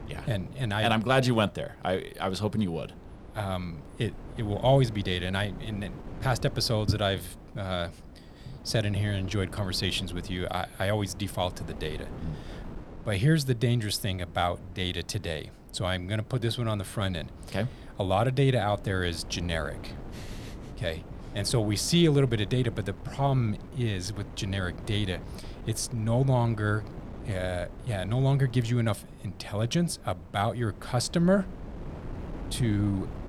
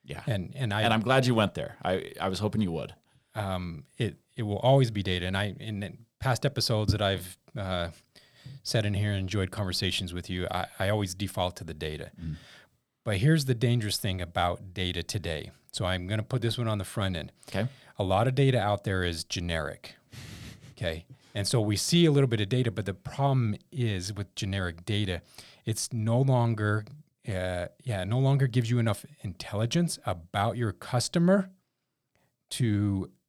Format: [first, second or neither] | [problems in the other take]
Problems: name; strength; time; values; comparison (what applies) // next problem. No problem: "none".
second | wind noise on the microphone; occasional gusts; 20 dB below the speech